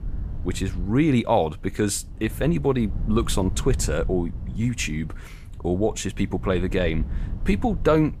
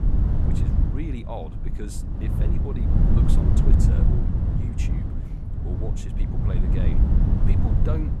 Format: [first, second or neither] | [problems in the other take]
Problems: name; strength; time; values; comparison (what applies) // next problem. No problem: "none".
first | wind noise on the microphone; heavy; 4 dB above the speech; occasional gusts in the first